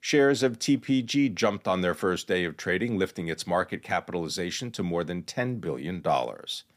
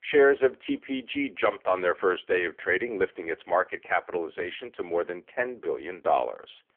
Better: first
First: none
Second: phone-call audio; poor line; nothing above 3.5 kHz

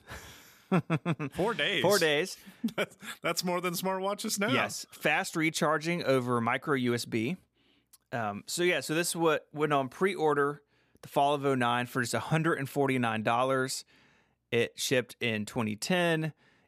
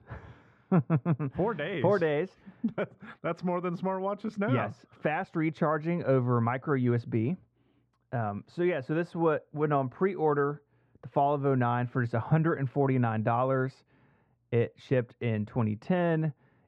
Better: first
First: none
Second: muffled; very; fading above 1.5 kHz

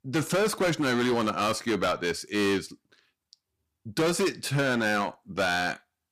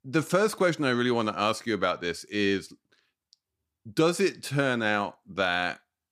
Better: second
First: distortion; heavy; 14% of the sound clipped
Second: none

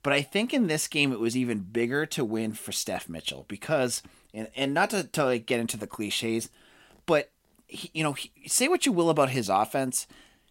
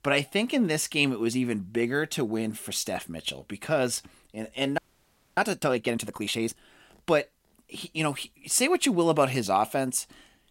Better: first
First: none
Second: audio freezing; at 5 s for 0.5 s

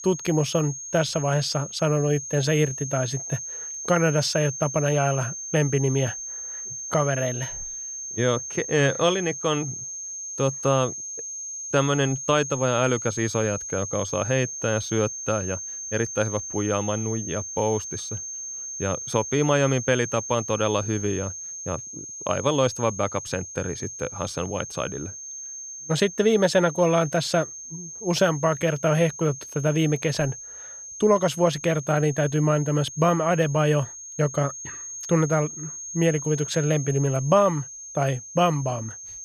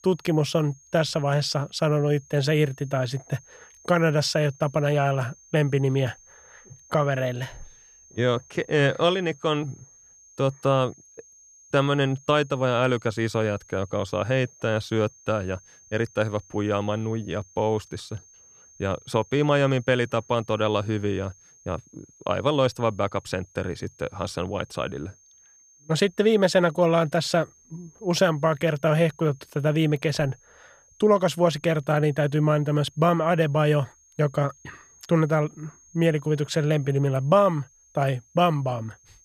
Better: second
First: high-pitched whine; loud; throughout; 6.5 kHz, 8 dB below the speech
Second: high-pitched whine; faint; throughout; 6.5 kHz, 25 dB below the speech

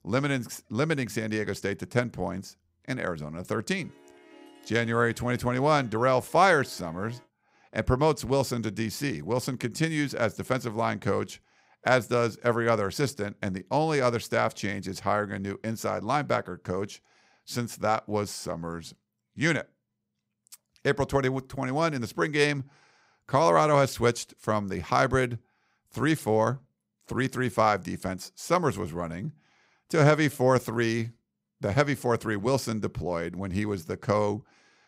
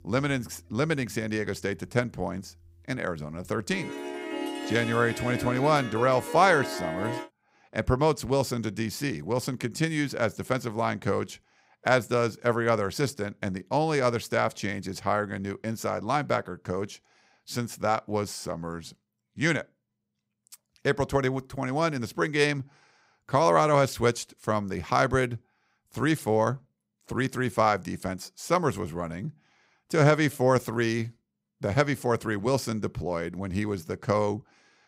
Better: first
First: background music; faint; until 7 s; 25 dB below the speech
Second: background music; loud; until 7 s; 7 dB below the speech

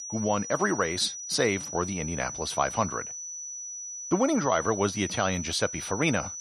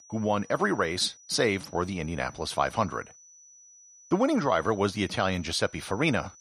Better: second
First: high-pitched whine; loud; throughout; 6 kHz, 7 dB below the speech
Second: high-pitched whine; faint; throughout; 6 kHz, 25 dB below the speech

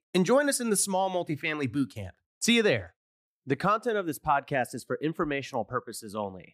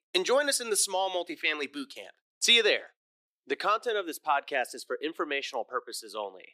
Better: first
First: none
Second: thin; somewhat; fading below 350 Hz

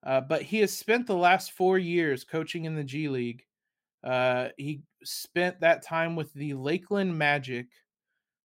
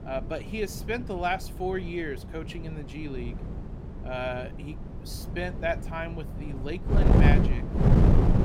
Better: first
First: none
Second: wind noise on the microphone; heavy; 1 dB below the speech

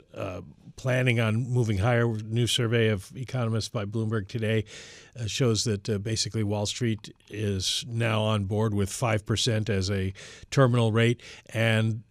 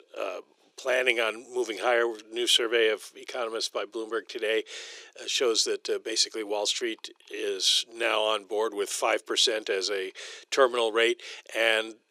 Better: first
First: none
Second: thin; very; fading below 350 Hz

